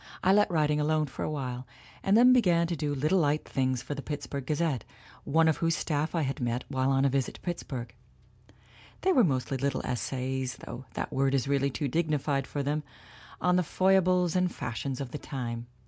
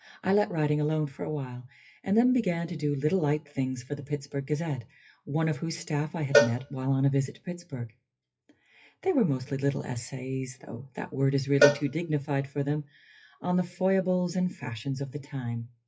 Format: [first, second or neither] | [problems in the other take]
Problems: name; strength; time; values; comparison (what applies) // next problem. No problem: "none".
first | noise reduction (classical method WPE with log-MMSE)